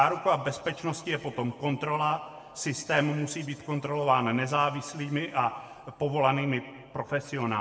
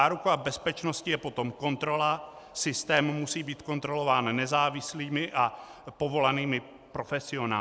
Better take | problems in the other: second | room echo; dies away in 1.6 s

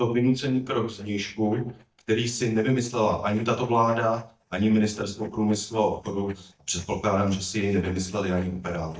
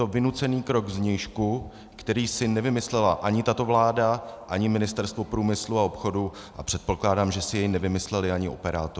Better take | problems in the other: second | noise reduction (neural mask model DeepFilterNet 3)

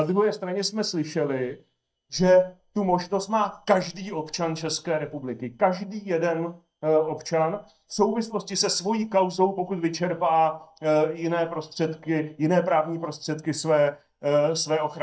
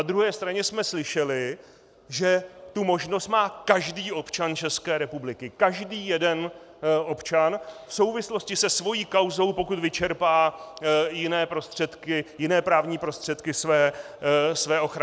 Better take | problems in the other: second | noise reduction (neural mask model DeepFilterNet 3)

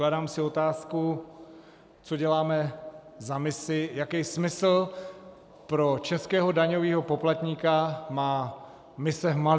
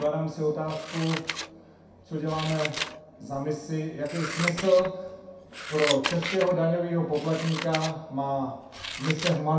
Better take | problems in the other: first | background sound (Scissors); 8 dB below the speech // room echo; dies away in 0.6 s

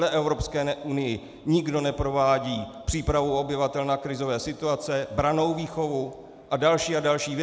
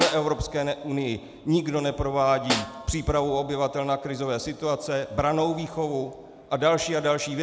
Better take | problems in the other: first | background sound (Snare drum); 9 dB below the speech

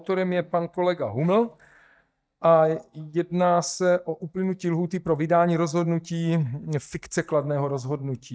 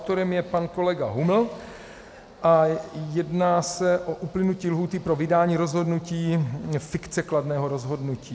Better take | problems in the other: second | noise reduction (neural mask model DeepFilterNet 3)

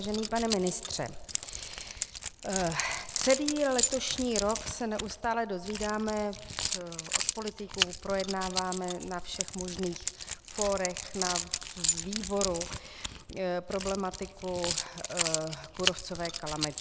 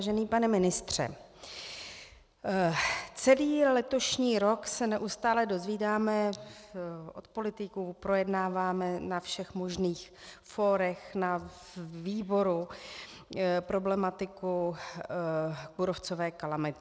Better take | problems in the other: second | background sound (Keys jangling); 2 dB below the speech

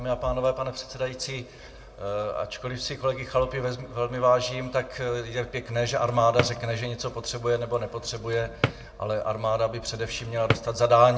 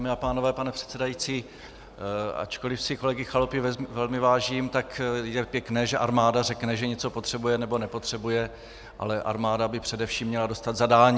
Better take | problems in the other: second | background sound (Drawer open or close); 7 dB below the speech // room echo; dies away in 1.1 s

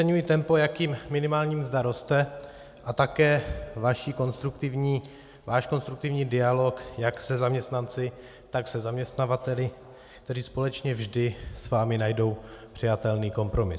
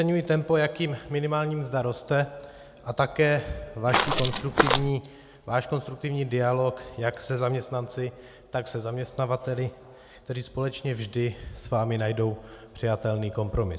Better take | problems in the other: first | background sound (Walk, footsteps); 3 dB above the speech

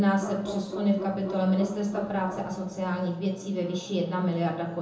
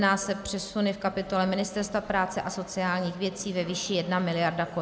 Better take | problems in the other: second | background sound (Bark); 11 dB below the speech // room echo; dies away in 1 s

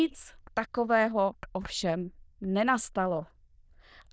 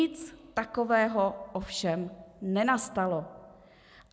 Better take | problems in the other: second | noise reduction (neural diffusion model UNIVERSE++)

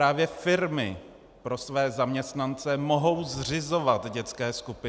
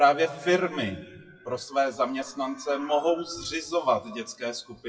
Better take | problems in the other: first | noise reduction (classical method WPE with log-MMSE)

